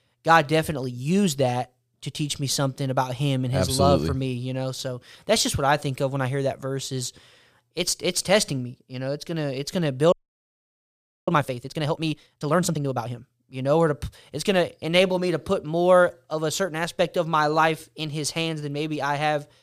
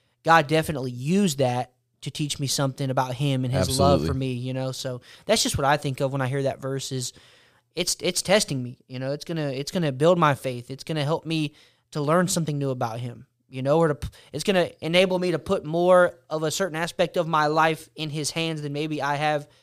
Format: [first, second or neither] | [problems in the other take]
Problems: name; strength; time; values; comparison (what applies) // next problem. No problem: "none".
second | audio freezing; at 10 s for 1 s